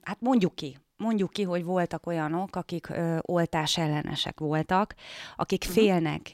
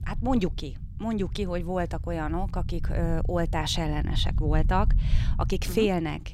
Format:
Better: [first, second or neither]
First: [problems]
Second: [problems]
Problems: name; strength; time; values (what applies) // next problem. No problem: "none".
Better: first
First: none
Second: low rumble; noticeable; throughout; 15 dB below the speech